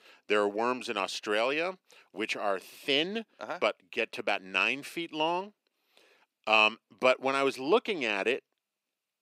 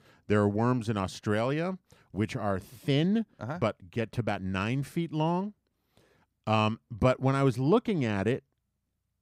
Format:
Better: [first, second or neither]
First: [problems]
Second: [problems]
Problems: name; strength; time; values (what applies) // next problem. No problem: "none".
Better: second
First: thin; somewhat; fading below 350 Hz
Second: none